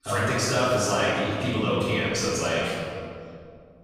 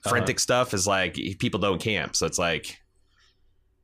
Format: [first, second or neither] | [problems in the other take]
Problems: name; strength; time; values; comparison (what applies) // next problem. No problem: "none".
second | room echo; strong; dies away in 2.2 s // off-mic speech; far